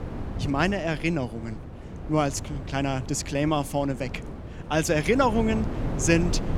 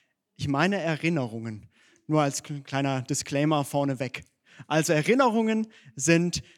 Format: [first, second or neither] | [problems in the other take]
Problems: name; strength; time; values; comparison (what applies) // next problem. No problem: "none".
second | wind noise on the microphone; occasional gusts; 15 dB below the speech